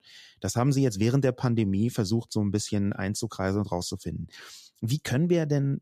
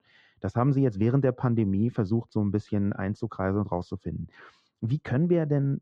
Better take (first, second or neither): first